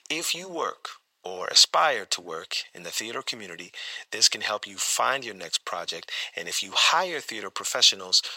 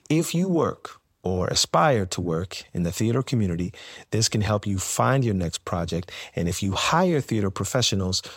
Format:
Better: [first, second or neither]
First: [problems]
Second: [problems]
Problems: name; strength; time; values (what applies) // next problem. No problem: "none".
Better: second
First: thin; very; fading below 750 Hz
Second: none